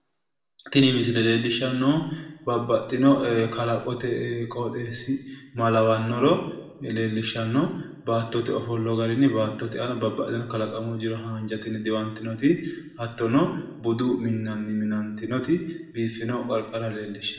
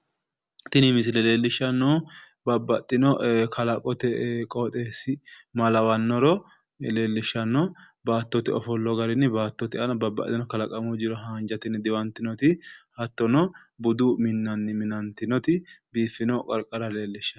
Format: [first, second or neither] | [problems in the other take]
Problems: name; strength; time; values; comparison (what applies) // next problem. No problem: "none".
second | room echo; dies away in 0.7 s